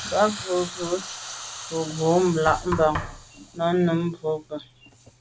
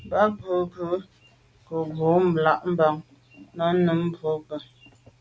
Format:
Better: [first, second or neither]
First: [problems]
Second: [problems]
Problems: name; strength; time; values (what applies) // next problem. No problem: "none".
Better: second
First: background sound (Knock + Hiss); 11 dB below the speech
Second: none